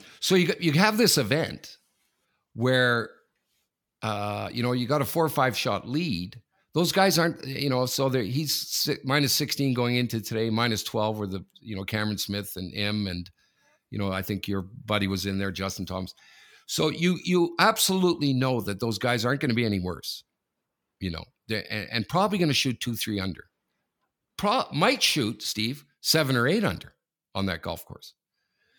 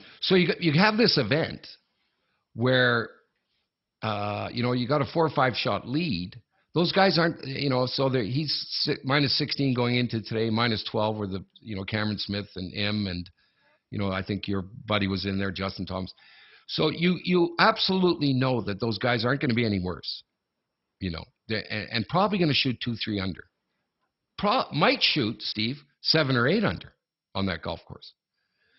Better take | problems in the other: first | garbled, watery; badly; nothing above 5.5 kHz

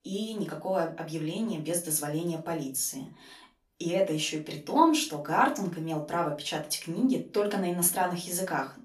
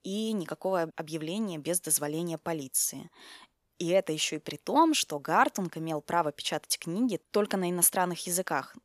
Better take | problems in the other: second | off-mic speech; far // room echo; very slight; dies away in 0.3 s

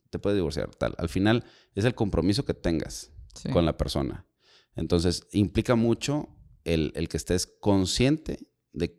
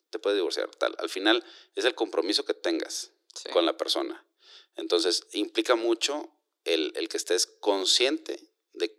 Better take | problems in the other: first | thin; very; fading below 300 Hz

